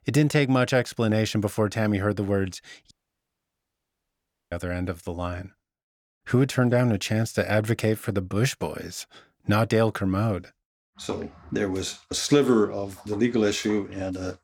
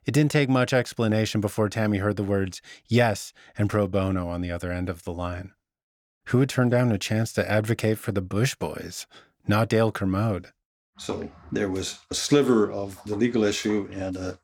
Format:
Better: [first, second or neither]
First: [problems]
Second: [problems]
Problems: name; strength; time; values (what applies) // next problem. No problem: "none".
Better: second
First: audio cutting out; at 3 s for 1.5 s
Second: none